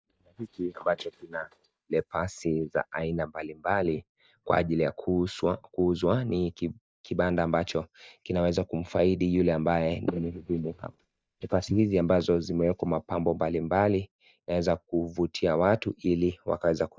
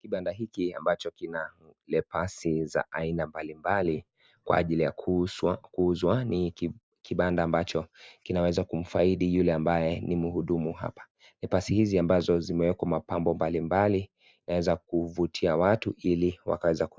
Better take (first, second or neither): second